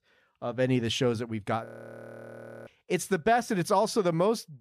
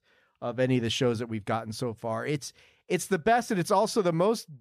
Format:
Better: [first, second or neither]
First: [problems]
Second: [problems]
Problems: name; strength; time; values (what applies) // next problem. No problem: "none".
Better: second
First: audio freezing; at 1.5 s for 1 s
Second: none